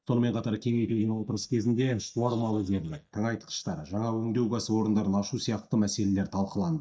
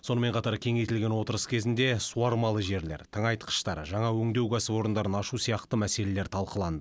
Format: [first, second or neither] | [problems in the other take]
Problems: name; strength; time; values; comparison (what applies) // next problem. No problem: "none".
second | noise reduction (neural mask model DeepFilterNet 3)